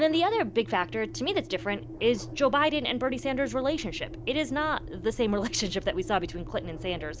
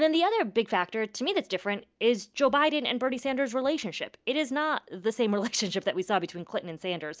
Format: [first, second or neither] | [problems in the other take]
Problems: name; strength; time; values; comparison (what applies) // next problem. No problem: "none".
second | background sound (Engine); 12 dB below the speech